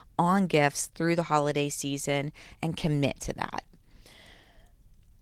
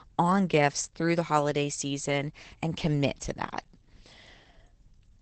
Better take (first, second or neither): first